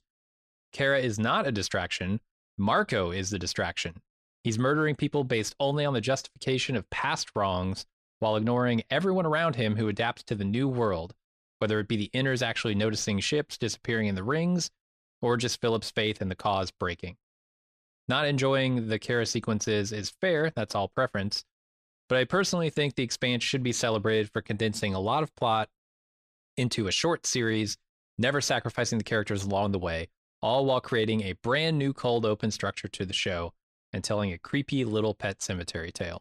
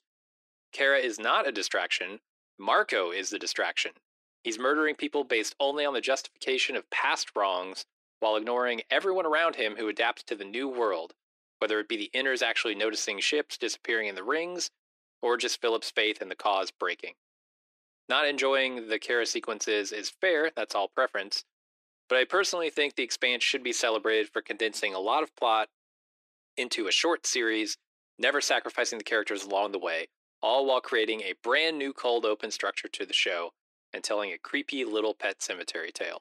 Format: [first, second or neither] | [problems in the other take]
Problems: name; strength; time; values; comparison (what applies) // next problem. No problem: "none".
first | thin; very; fading below 300 Hz